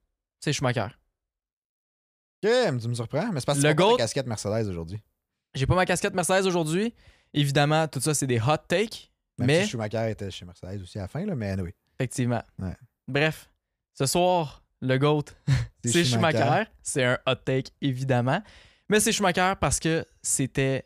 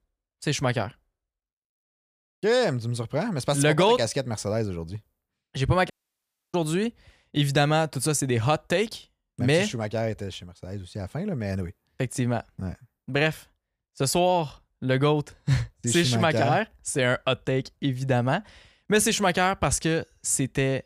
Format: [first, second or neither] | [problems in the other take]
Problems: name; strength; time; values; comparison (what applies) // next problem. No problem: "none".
first | audio cutting out; at 6 s for 0.5 s